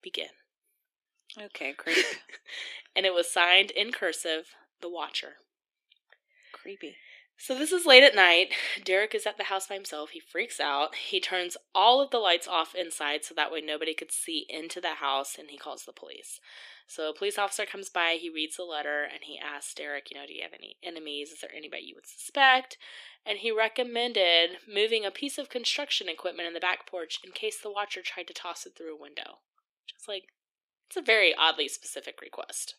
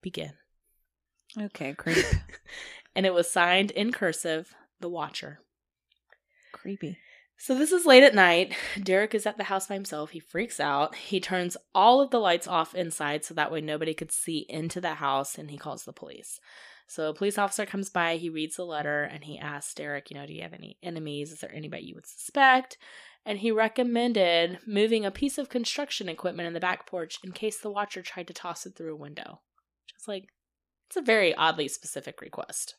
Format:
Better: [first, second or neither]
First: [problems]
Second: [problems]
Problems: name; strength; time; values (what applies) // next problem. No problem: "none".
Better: second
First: thin; somewhat; fading below 300 Hz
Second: none